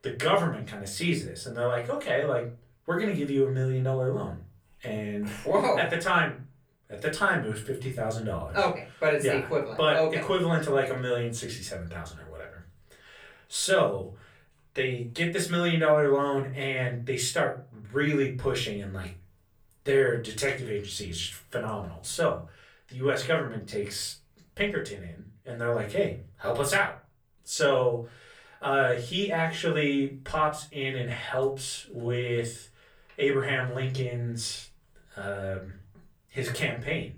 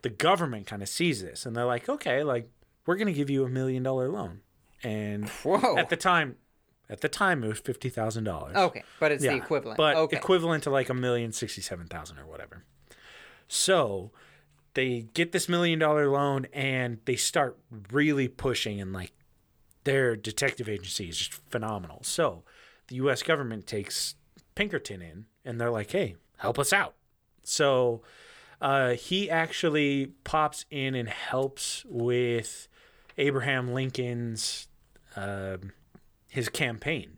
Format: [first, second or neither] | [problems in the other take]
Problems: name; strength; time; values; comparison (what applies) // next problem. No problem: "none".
second | off-mic speech; far // room echo; very slight; dies away in 0.3 s